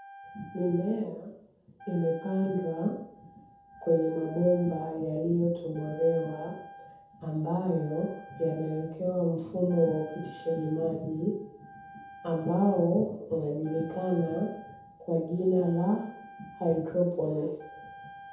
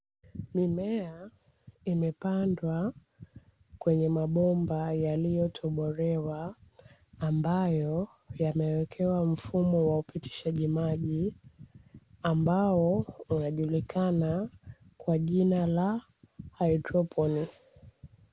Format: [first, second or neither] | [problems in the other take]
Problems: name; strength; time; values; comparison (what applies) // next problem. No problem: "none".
second | background sound (Wind instrument, woodwind instrument); 19 dB below the speech // room echo; dies away in 0.7 s